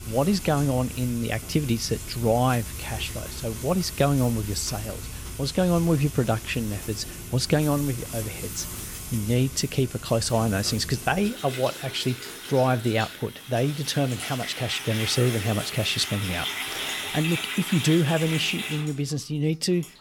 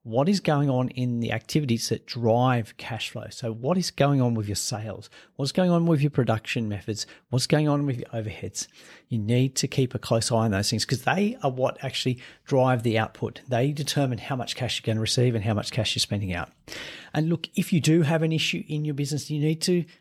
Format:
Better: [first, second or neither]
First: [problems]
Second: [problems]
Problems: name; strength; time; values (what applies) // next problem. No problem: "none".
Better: second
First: household noises; loud; throughout; 8 dB below the speech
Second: none